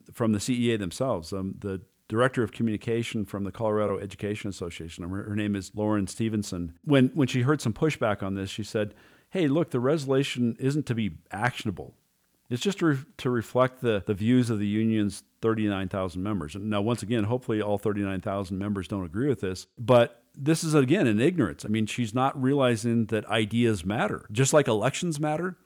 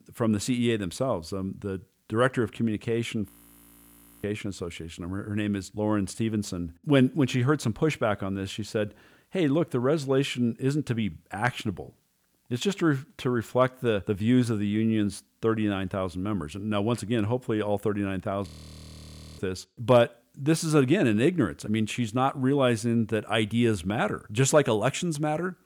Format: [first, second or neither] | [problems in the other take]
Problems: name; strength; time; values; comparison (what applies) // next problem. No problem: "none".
first | audio freezing; at 3.5 s for 1 s and at 18 s for 1 s